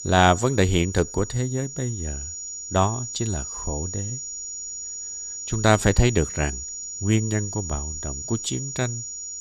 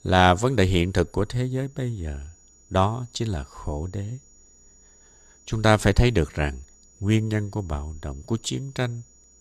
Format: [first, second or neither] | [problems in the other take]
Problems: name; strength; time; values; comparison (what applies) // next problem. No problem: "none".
second | high-pitched whine; loud; throughout; 7 kHz, 7 dB below the speech; faint in the second